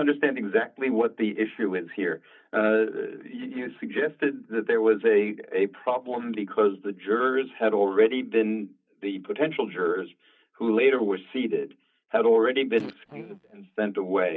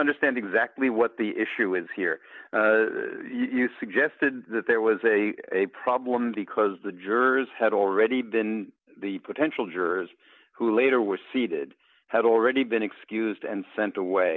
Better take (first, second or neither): second